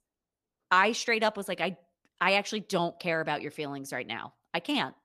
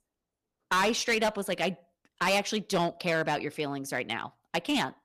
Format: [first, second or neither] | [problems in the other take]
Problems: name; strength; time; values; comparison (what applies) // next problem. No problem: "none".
first | distortion; heavy; 7% of the sound clipped